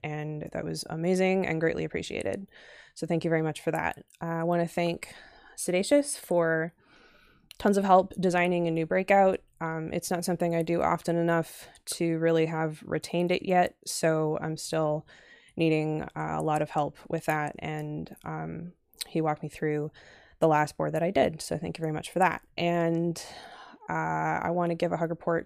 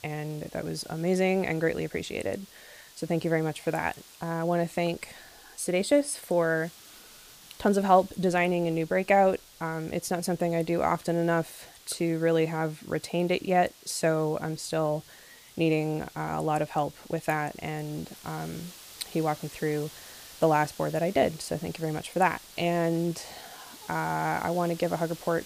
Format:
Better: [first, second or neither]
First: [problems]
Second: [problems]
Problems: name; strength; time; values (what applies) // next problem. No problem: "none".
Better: first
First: none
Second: hiss; noticeable; throughout; 20 dB below the speech